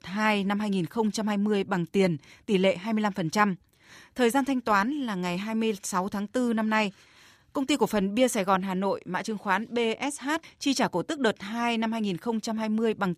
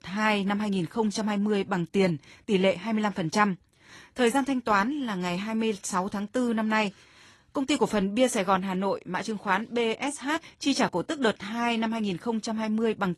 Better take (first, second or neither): first